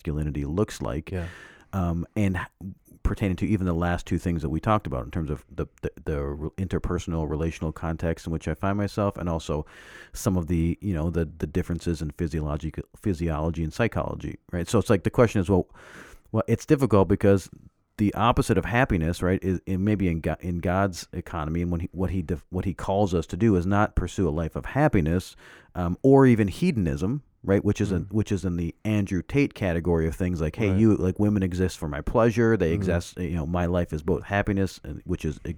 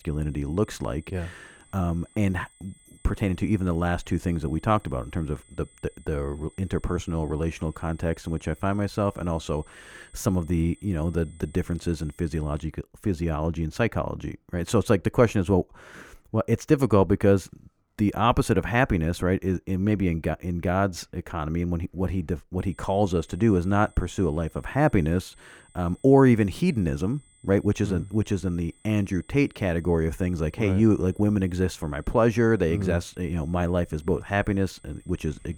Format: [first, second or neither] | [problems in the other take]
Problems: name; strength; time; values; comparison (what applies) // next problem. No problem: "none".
first | high-pitched whine; faint; until 13 s and from 23 s on; 8 kHz, 30 dB below the speech